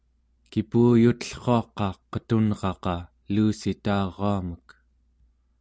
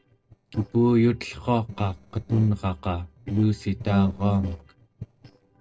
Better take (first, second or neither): first